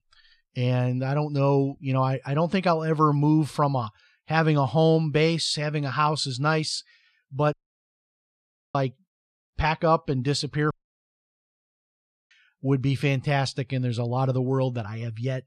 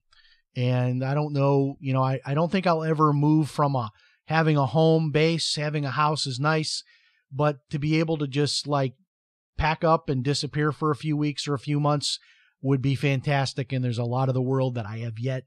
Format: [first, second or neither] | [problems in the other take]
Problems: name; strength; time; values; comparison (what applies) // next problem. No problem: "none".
second | audio cutting out; at 7.5 s for 1 s and at 11 s for 1.5 s